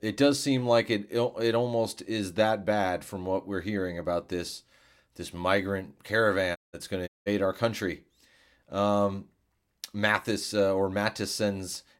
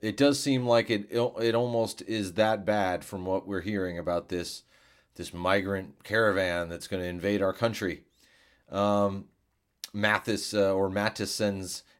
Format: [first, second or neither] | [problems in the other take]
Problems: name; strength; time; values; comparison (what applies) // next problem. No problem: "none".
second | audio cutting out; at 6.5 s and at 7 s